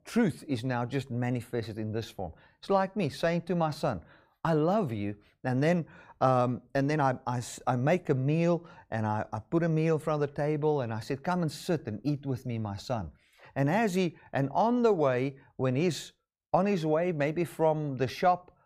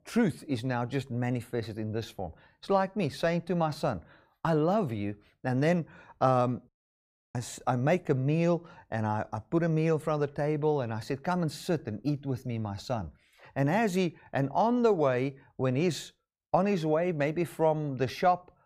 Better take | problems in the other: first | audio cutting out; at 6.5 s for 0.5 s

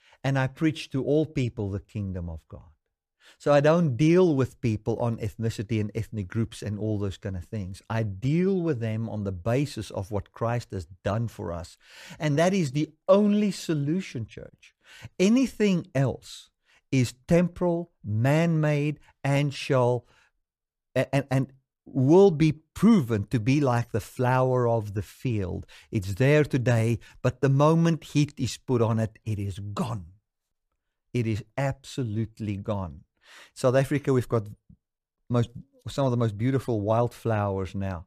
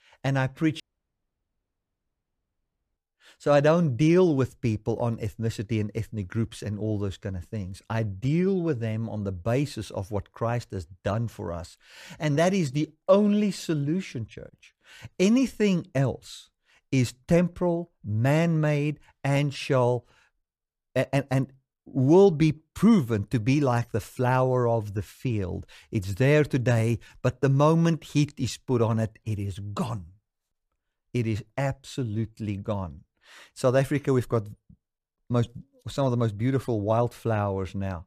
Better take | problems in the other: first | audio cutting out; at 1 s for 2 s

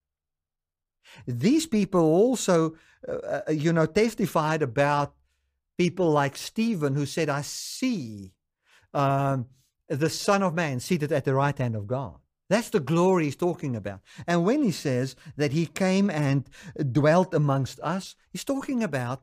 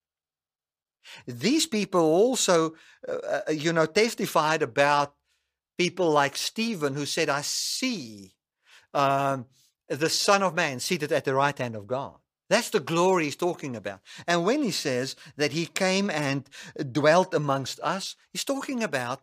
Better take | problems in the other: first | thin; very slightly; fading below 500 Hz

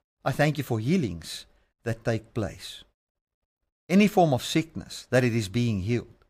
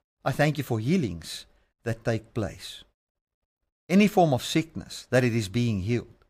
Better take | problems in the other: neither | none

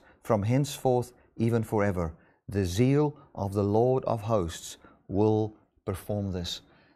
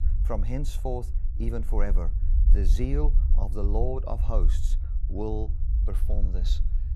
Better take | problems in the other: first | low rumble; noticeable; throughout; 10 dB below the speech

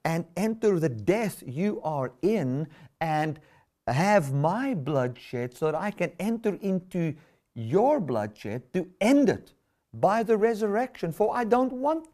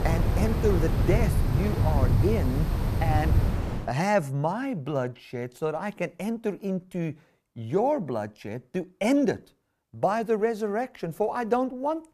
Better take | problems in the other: first | wind in the background; very loud; until 4 s; 2 dB above the speech

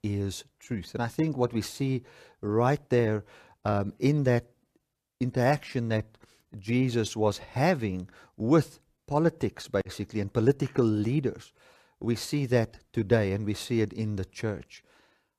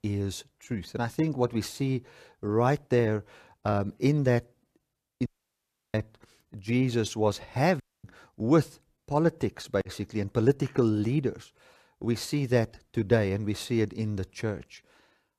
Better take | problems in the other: first | audio cutting out; at 5.5 s for 0.5 s and at 8 s

